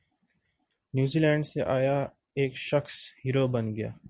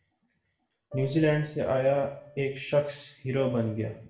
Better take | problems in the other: first | background sound (Piano); 14 dB below the speech // room echo; dies away in 0.6 s

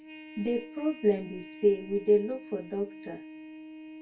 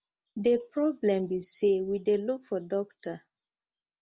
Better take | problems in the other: second | background sound (Trumpet); 15 dB below the speech // room echo; dies away in 0.2 s

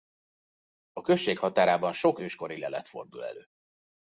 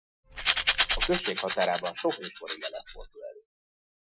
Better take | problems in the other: first | noise reduction (classical method Wiener filter)

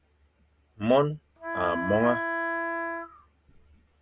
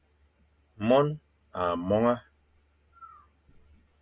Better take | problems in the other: second | background sound (Wind instrument, woodwind instrument); 2 dB below the speech

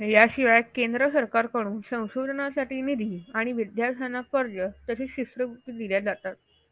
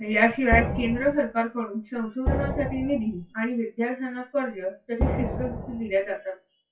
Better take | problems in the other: first | noise reduction (classical method WPE with log-MMSE)

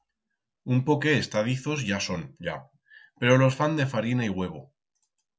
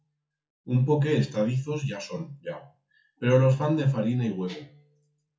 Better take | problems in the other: first | noise reduction (classical method WPE with log-MMSE)

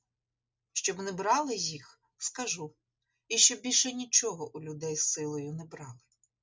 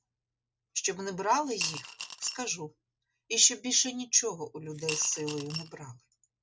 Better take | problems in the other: first | background sound (Coin (dropping) / Glass); 8 dB below the speech

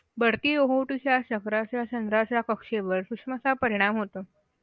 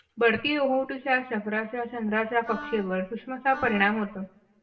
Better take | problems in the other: first | background sound (Wind instrument, woodwind instrument); 15 dB below the speech // room echo; dies away in 0.5 s

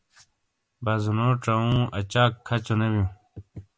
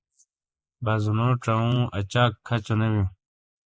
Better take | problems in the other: first | noise reduction (neural mask model Resemble Enhance denoiser)

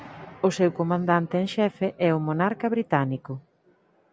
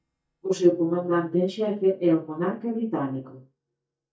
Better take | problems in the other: first | noise reduction (neural mask model DeepFilterNet 3)

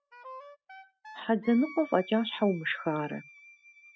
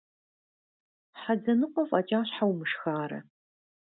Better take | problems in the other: second | noise reduction (classical method spectral subtraction)

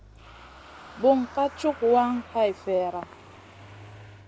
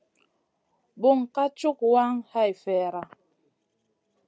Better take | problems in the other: second | background sound (Engine starting / Motor vehicle (road)); 18 dB below the speech

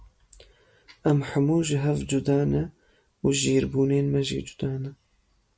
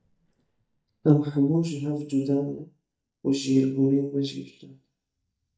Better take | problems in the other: first | noise reduction (neural mask model DeepFilterNet 3)

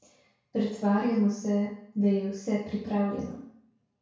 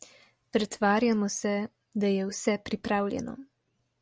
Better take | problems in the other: second | room echo; dies away in 0.6 s

